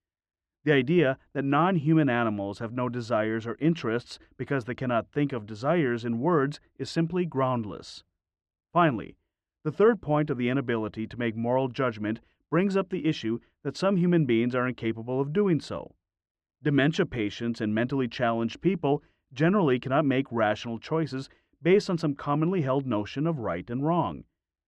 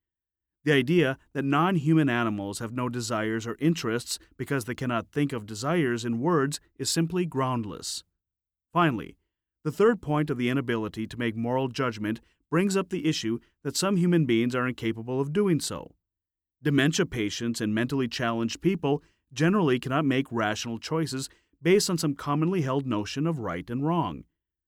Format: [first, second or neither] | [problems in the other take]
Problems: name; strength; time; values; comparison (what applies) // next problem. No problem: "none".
second | muffled; slightly; fading above 3 kHz